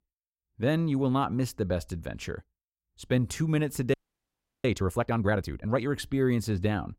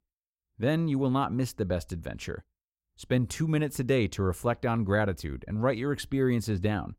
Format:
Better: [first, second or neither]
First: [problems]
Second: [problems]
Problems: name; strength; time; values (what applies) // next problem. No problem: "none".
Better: second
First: audio freezing; at 4 s for 0.5 s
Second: none